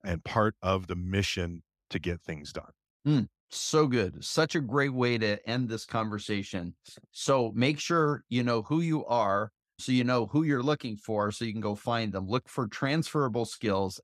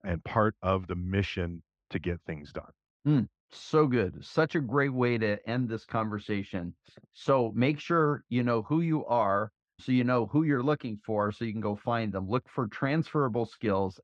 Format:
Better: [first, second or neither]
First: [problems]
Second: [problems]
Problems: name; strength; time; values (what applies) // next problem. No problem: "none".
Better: first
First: none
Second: muffled; slightly; fading above 2.5 kHz